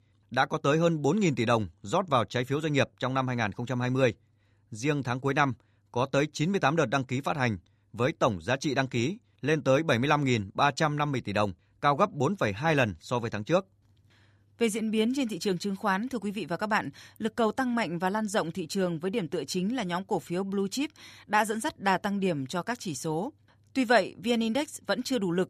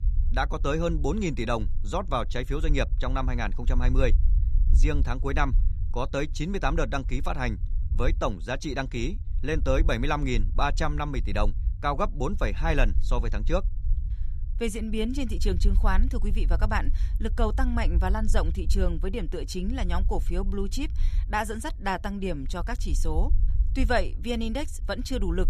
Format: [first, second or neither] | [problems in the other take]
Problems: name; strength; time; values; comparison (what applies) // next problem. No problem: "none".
first | low rumble; faint; throughout; 20 dB below the speech